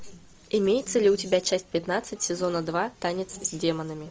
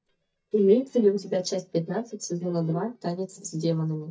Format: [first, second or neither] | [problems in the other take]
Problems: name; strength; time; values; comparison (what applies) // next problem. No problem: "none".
first | noise reduction (neural mask model DeepFilterNet 3)